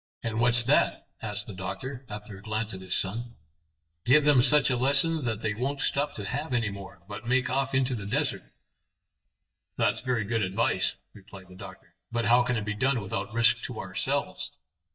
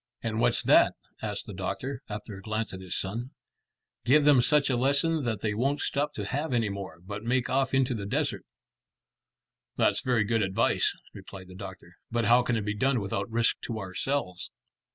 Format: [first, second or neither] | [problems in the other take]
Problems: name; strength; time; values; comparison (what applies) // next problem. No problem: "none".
second | noise reduction (neural mask model DeepFilterNet 3)